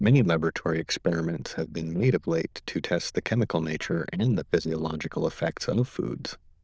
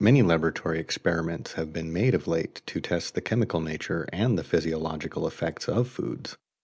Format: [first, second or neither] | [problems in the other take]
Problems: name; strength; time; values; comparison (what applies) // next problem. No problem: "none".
second | noise reduction (neural diffusion model UNIVERSE++)